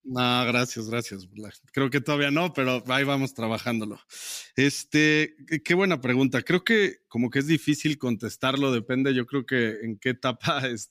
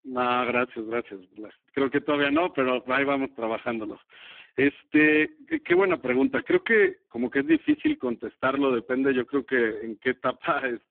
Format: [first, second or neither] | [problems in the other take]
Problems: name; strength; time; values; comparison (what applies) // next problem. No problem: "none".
first | phone-call audio; poor line